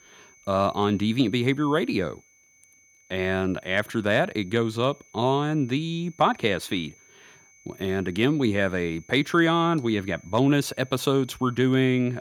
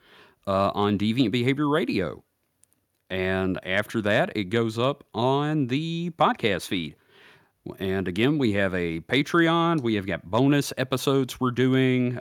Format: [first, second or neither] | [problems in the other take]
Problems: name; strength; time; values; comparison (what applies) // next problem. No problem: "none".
second | high-pitched whine; faint; throughout; 2 kHz, 30 dB below the speech